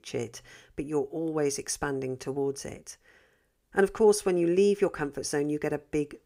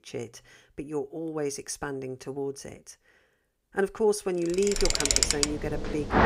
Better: first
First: none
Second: traffic noise; very loud; from 5 s on; 5 dB above the speech

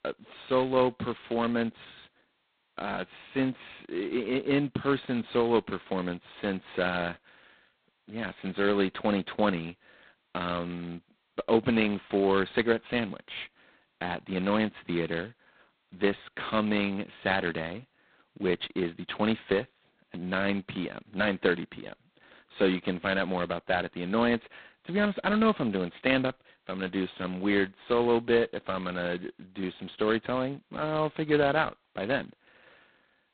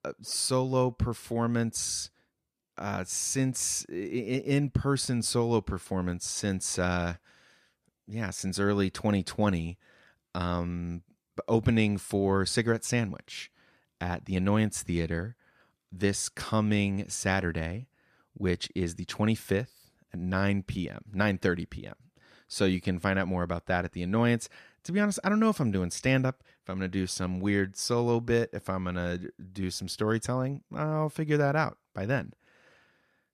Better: second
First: phone-call audio; poor line; nothing above 4 kHz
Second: none

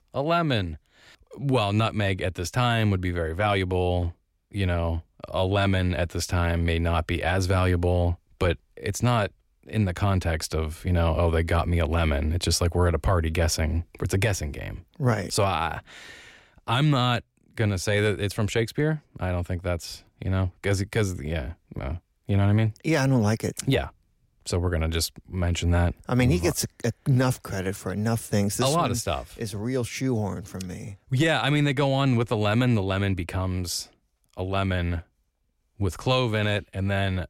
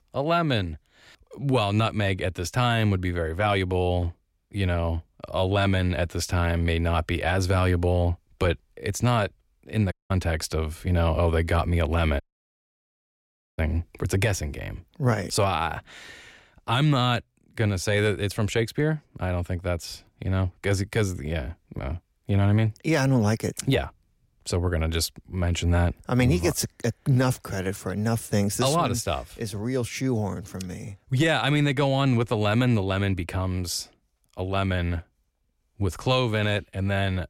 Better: first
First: none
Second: audio cutting out; at 10 s and at 12 s for 1.5 s

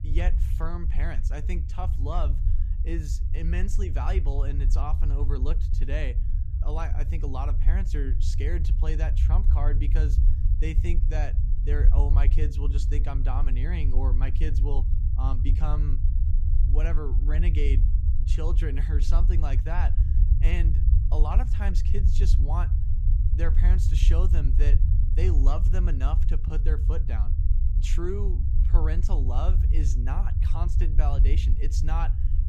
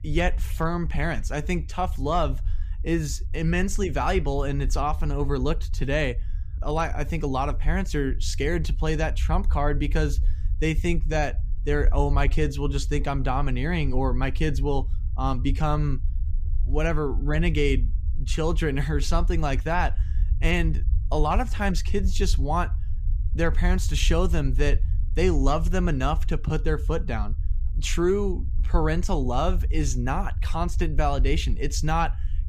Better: second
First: low rumble; loud; throughout; 6 dB below the speech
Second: low rumble; faint; throughout; 20 dB below the speech

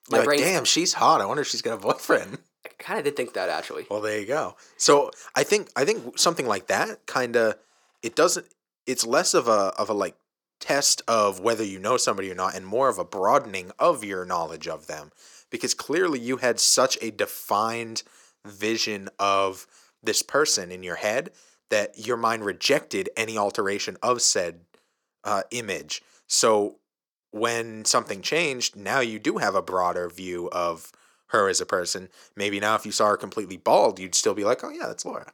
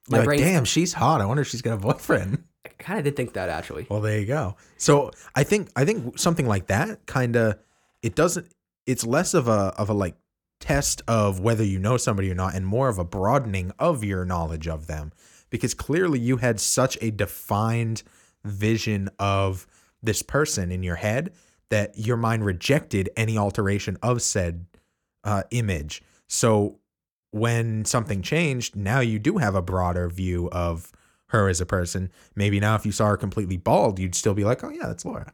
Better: second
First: thin; somewhat; fading below 400 Hz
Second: none

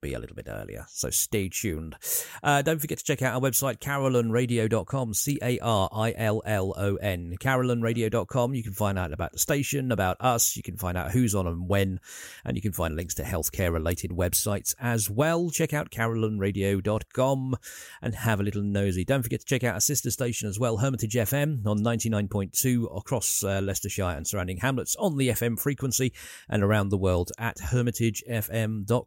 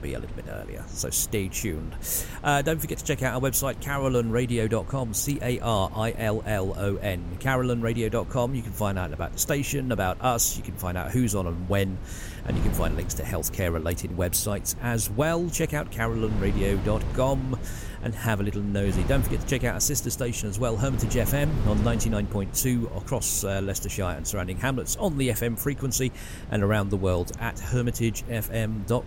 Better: first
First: none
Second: wind noise on the microphone; occasional gusts; 15 dB below the speech

